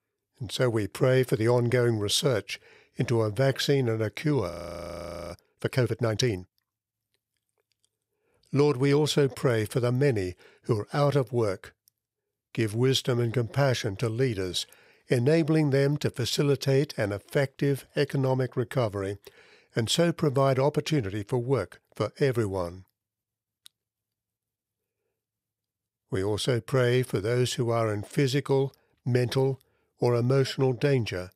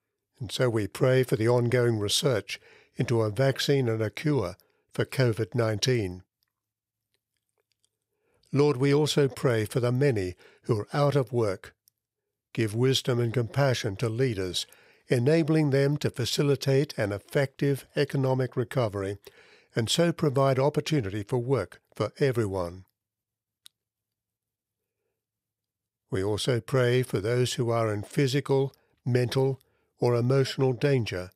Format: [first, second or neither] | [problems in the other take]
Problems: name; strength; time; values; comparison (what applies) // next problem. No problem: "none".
second | audio freezing; at 4.5 s for 1 s